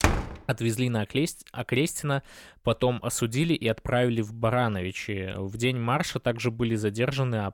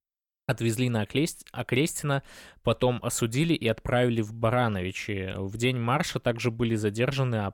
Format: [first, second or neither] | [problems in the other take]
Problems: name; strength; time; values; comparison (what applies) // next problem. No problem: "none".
second | door banging; loud; at the start; peak 1 dB above the speech